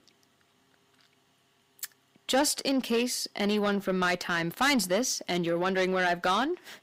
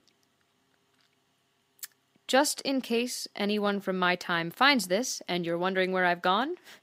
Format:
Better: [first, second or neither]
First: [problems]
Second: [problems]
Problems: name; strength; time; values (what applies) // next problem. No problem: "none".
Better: second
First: distortion; heavy; 8 dB below the speech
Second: none